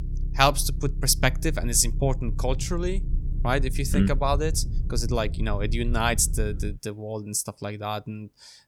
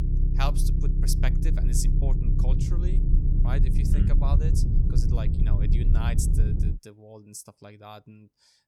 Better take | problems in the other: first | low rumble; loud; until 6.5 s; 1 dB below the speech; faint in the first

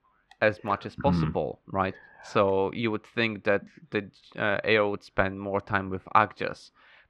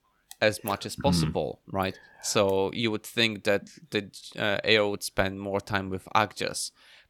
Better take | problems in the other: second | muffled; very; fading above 2 kHz

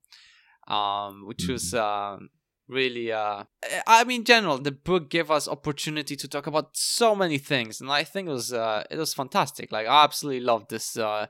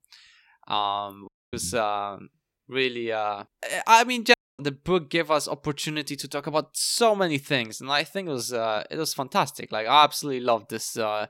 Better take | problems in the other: first | audio cutting out; at 1.5 s and at 4.5 s

